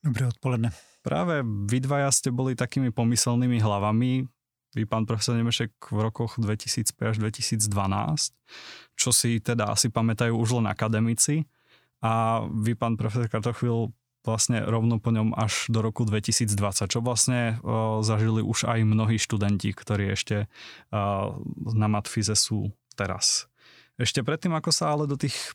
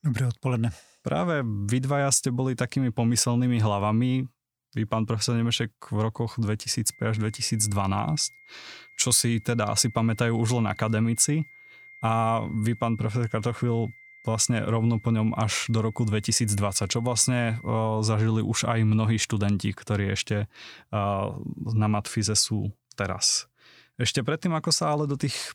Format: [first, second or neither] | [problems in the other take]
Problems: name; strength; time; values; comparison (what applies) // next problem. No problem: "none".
first | high-pitched whine; faint; from 7 to 18 s; 2 kHz, 25 dB below the speech